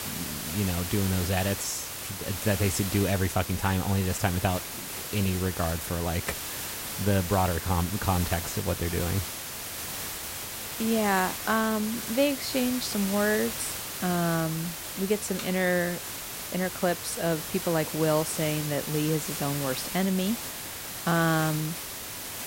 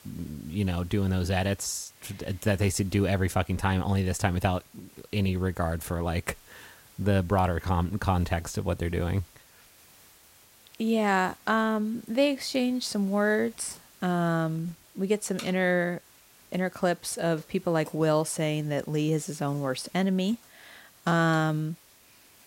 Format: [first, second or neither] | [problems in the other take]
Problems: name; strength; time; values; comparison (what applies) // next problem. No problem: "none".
second | hiss; loud; throughout; 5 dB below the speech; faint in the second